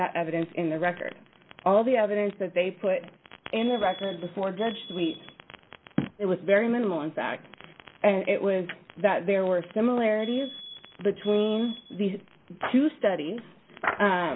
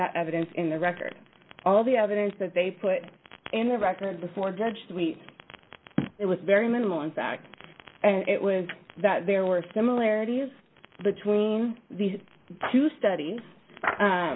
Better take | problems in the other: second | background sound (Alarm); 17 dB below the speech

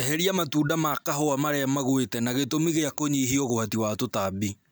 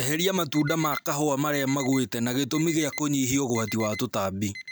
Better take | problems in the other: first | background sound (Alarm); 17 dB below the speech

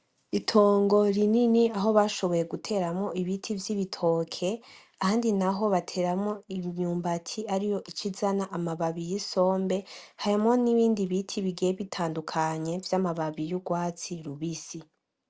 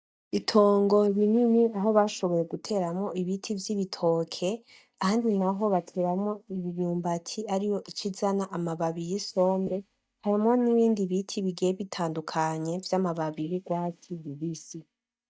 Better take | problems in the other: first | noise reduction (neural mask model DeepFilterNet 3)

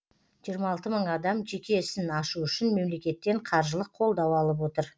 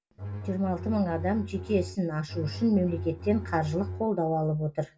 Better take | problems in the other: first | background sound (Bowed string instrument); 8 dB below the speech // room echo; dies away in 0.2 s

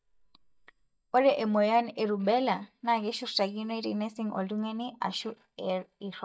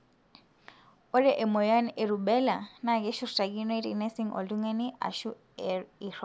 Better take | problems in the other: second | noise reduction (neural mask model DeepFilterNet 3)

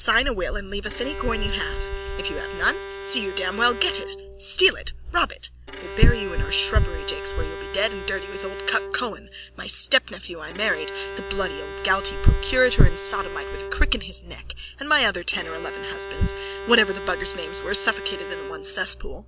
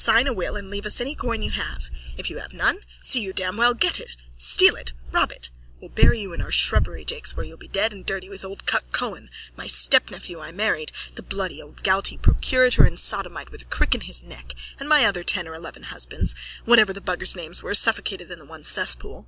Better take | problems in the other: second | background sound (Bowed string instrument); 11 dB below the speech

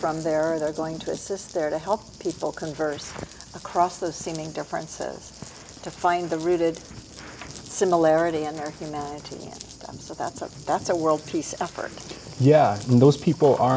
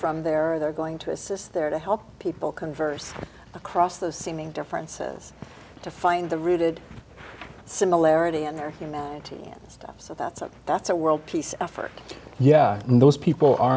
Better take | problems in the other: second | background sound (Thunder + Glass); 19 dB below the speech

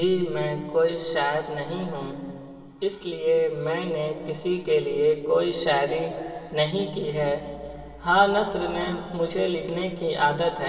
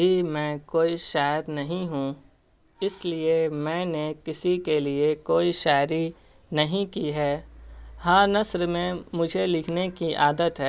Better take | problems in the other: second | room echo; dies away in 2.7 s

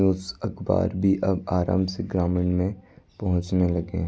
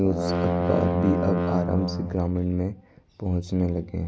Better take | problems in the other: first | background sound (Brass instrument); 1 dB below the speech

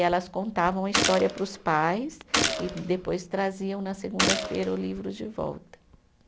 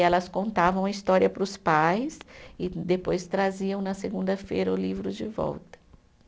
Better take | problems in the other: second | background sound (Gunshot, gunfire); 2 dB below the speech

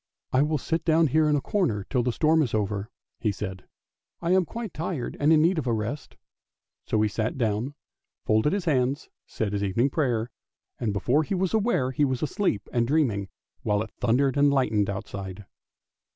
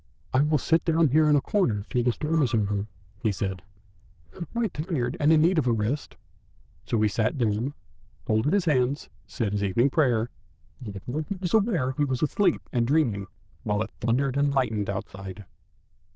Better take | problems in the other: first | noise reduction (neural diffusion model UNIVERSE++)

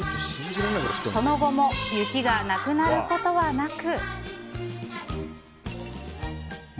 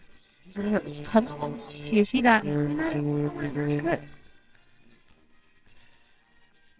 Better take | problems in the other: first | noise reduction (neural separator model SepFormer WHAMR!)

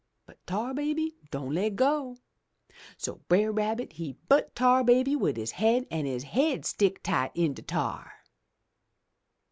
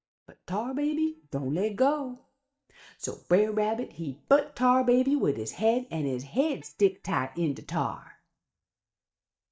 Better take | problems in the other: first | noise reduction (neural mask model DeepFilterNet 3)

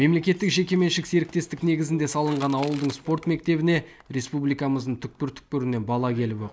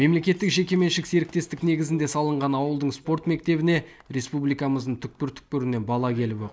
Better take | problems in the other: second | background sound (Crushing / Wood); 18 dB below the speech

